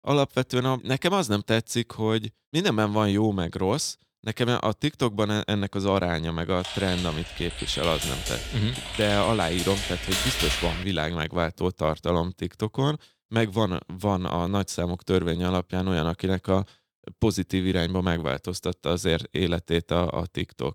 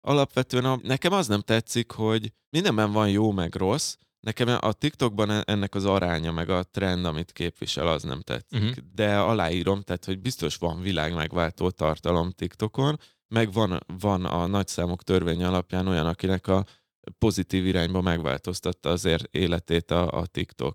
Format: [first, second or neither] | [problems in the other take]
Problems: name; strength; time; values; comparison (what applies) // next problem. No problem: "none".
second | keyboard typing; loud; from 6.5 to 11 s; peak 2 dB above the speech